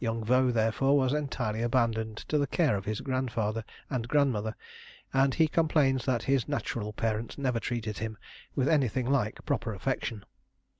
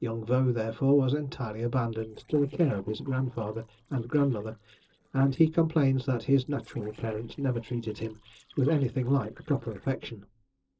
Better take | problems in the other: first | noise reduction (neural separator model SepFormer DNS4)

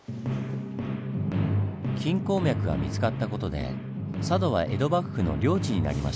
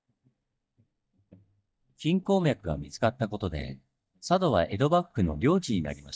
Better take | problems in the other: first | noise reduction (neural mask model DeepFilterNet 3)

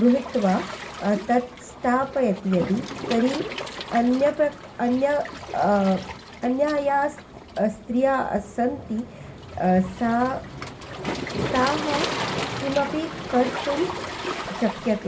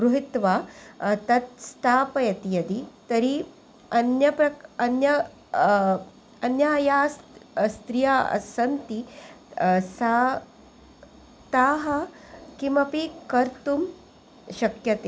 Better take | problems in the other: second | background sound (Waves, surf); 9 dB below the speech // room echo; dies away in 0.2 s

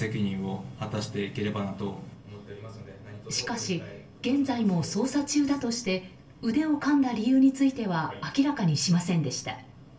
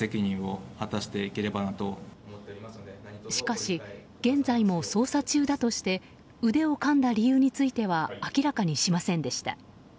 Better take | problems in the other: second | room echo; dies away in 0.3 s

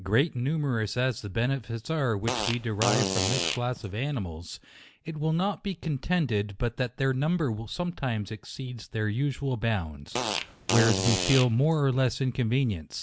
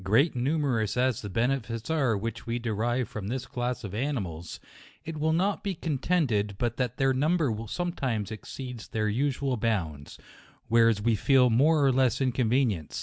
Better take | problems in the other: second | background sound (Fart); 2 dB below the speech

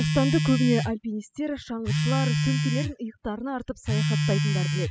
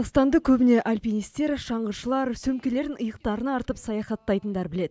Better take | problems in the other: second | noise reduction (classical method spectral subtraction)

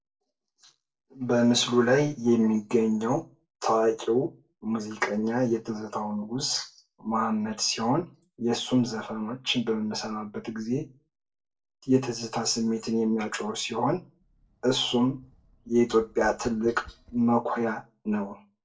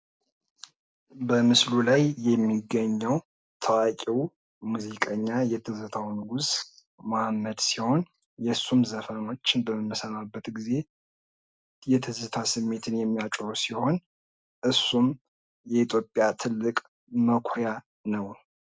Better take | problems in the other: second | noise reduction (neural separator model SepFormer DNS4)

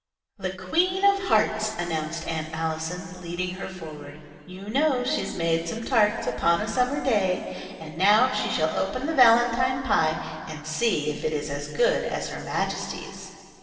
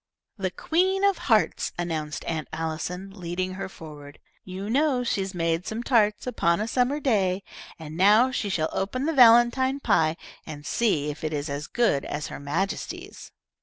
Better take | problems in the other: second | room echo; dies away in 2.5 s

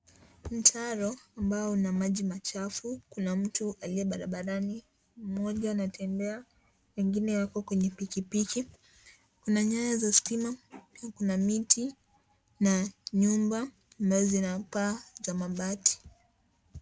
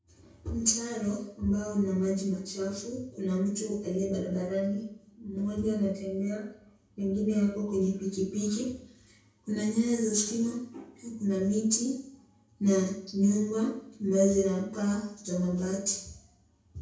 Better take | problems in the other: first | room echo; dies away in 0.6 s

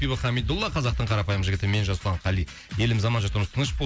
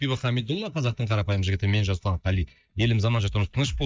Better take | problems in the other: first | noise reduction (neural mask model DeepFilterNet 3)

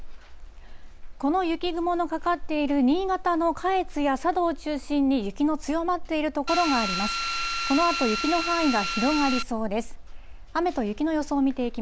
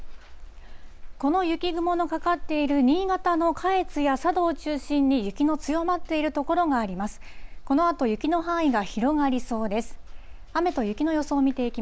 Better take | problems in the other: second | background sound (Drill); 3 dB below the speech

